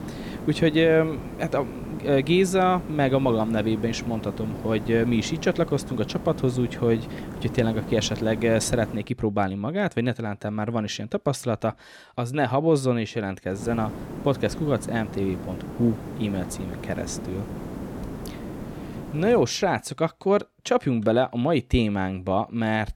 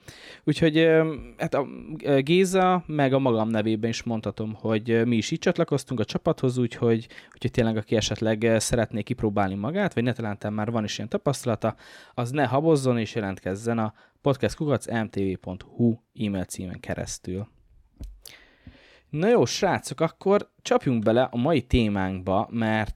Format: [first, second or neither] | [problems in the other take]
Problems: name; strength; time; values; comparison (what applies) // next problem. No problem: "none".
second | hiss; noticeable; until 9 s and from 14 to 19 s; 10 dB below the speech